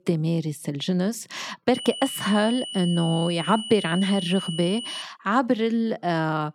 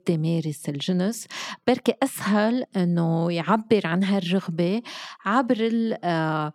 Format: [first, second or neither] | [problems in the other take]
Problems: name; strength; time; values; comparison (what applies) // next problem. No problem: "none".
second | high-pitched whine; loud; from 1.5 to 5 s; 3 kHz, 8 dB below the speech